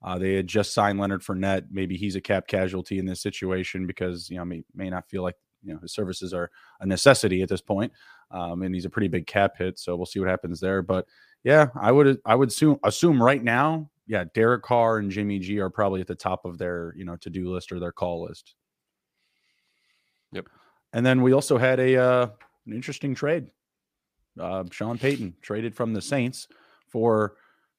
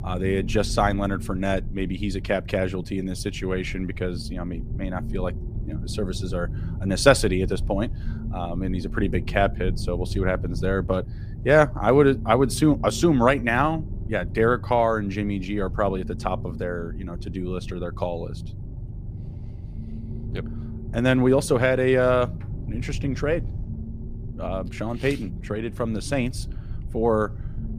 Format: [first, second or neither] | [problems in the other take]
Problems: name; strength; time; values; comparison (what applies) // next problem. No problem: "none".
first | low rumble; faint; throughout; 20 dB below the speech